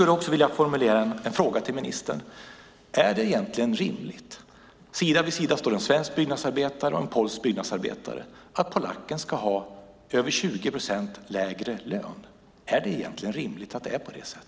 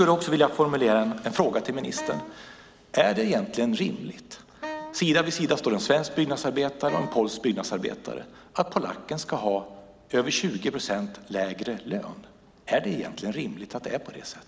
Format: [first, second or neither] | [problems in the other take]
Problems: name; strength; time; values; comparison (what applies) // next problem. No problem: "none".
first | background sound (Wind instrument, woodwind instrument); 13 dB below the speech